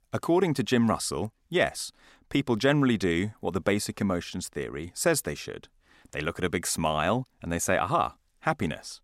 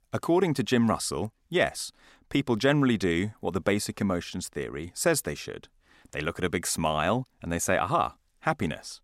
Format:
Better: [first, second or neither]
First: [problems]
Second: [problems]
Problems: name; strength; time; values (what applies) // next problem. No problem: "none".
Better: neither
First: none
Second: none